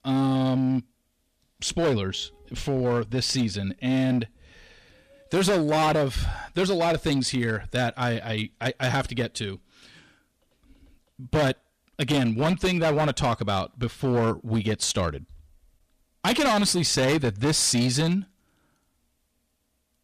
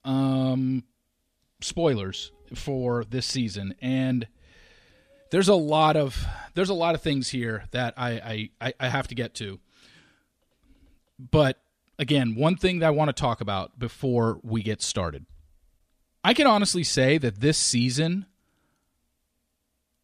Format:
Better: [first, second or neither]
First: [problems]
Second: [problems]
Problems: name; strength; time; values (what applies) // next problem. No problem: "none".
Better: second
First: distortion; heavy; 11% of the sound clipped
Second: none